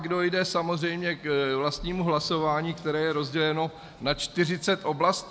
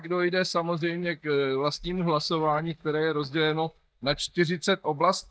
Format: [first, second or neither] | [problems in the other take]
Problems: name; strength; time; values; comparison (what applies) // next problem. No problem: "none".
first | noise reduction (neural mask model DeepFilterNet 3)